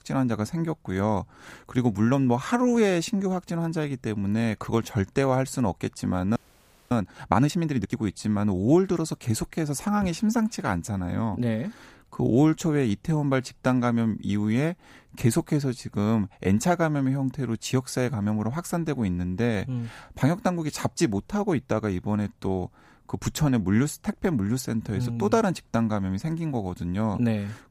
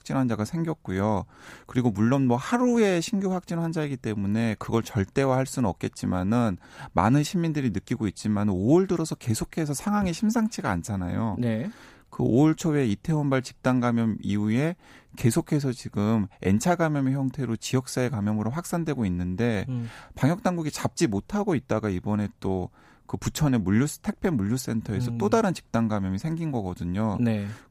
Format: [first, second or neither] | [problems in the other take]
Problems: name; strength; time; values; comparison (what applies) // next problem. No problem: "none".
second | audio freezing; at 6.5 s for 0.5 s